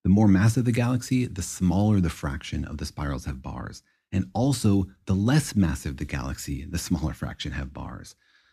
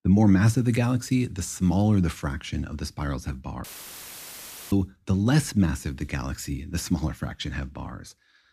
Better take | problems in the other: first | audio cutting out; filled with static; at 3.5 s for 1 s

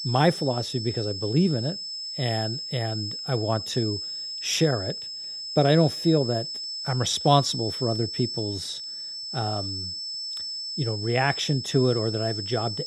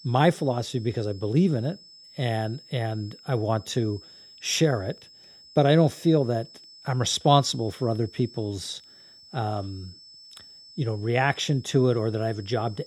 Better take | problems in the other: second | high-pitched whine; loud; throughout; 5.5 kHz, 5 dB below the speech; faint in the second

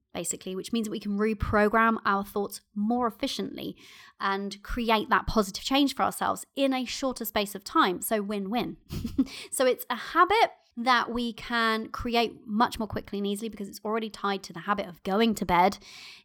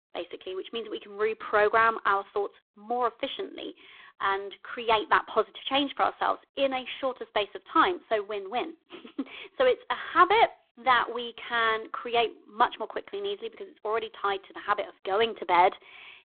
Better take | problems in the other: first | phone-call audio; poor line

